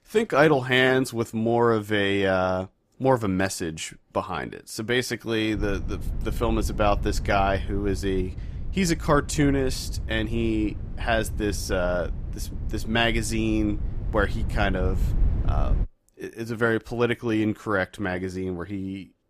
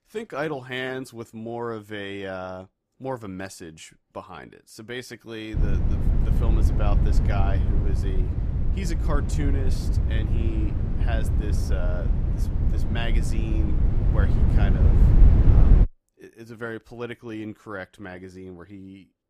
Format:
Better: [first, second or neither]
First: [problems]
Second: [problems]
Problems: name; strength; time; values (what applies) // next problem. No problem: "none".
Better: first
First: low rumble; faint; from 5.5 to 16 s; 20 dB below the speech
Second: low rumble; loud; from 5.5 to 16 s; 2 dB below the speech